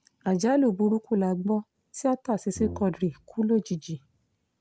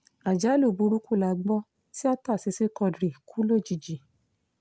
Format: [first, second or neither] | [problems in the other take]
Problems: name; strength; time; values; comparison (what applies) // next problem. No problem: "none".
second | background sound (Brass instrument); 14 dB below the speech